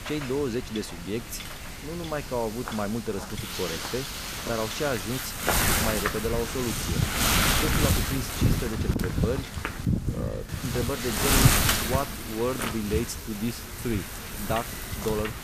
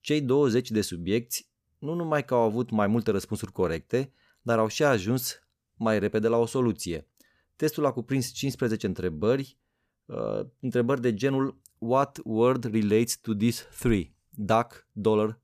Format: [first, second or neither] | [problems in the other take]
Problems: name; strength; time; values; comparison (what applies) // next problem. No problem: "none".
second | wind noise on the microphone; heavy; 4 dB above the speech